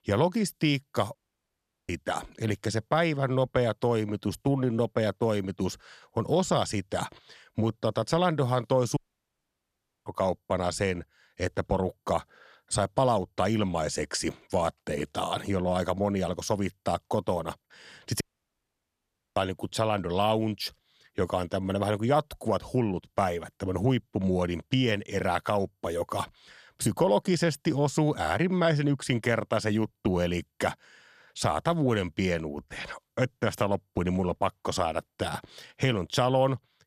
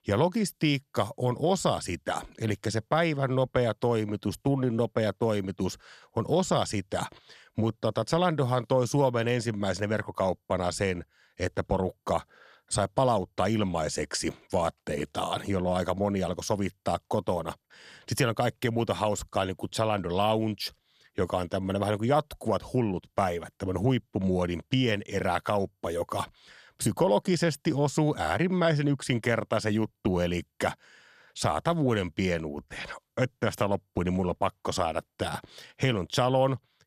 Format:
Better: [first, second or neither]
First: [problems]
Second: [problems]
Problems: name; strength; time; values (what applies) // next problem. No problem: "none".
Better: second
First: audio cutting out; at 1 s for 0.5 s, at 9 s for 1 s and at 18 s for 1 s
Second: none